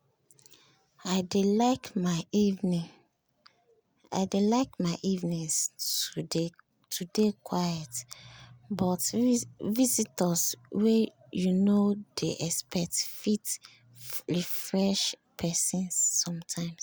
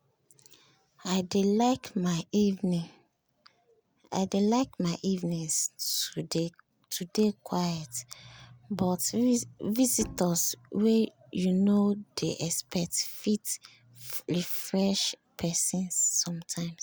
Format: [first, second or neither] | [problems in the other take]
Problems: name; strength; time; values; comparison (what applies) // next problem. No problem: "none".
first | background sound (Bowed string instrument); 15 dB below the speech